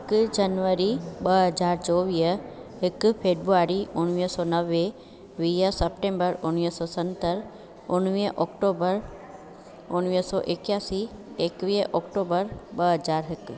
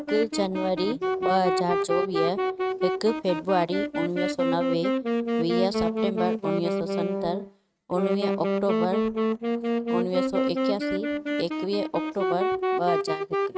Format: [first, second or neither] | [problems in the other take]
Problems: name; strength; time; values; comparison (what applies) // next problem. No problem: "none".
first | noise reduction (neural mask model RNNoise)